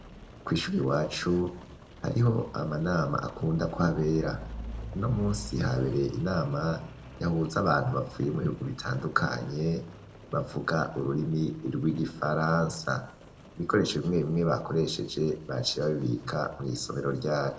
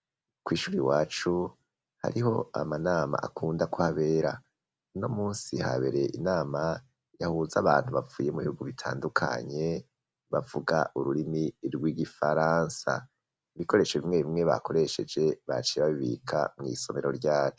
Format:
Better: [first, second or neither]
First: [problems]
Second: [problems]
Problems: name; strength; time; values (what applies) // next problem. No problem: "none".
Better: second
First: background sound (Rain); 16 dB below the speech // room echo; dies away in 0.6 s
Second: none